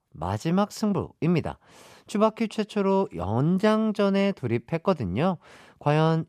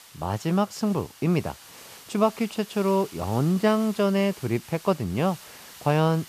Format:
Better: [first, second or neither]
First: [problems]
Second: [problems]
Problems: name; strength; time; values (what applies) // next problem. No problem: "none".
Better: first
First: none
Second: hiss; noticeable; throughout; 20 dB below the speech